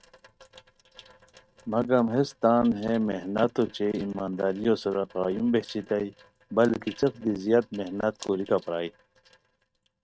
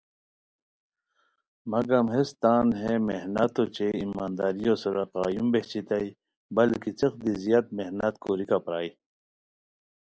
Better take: second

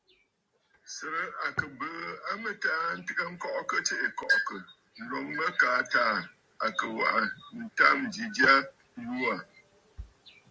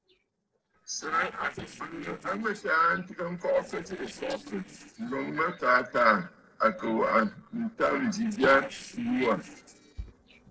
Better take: first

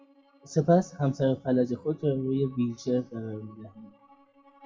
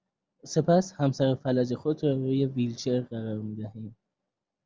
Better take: second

